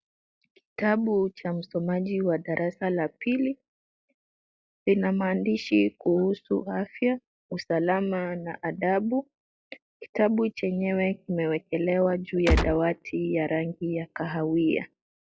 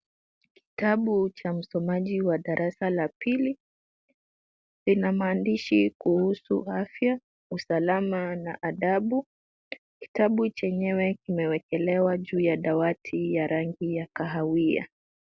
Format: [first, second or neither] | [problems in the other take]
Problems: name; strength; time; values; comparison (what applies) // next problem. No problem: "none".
second | noise reduction (classical method log-MMSE)